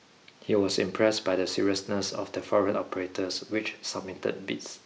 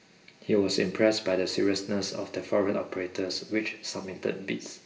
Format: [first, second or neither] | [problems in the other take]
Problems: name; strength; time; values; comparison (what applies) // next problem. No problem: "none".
first | room echo; dies away in 0.6 s